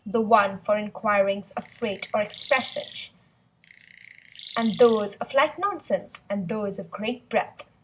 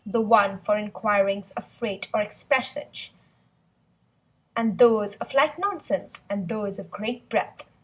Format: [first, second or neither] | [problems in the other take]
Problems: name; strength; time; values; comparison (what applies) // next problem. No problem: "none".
second | background sound (Chirp, tweet); 18 dB below the speech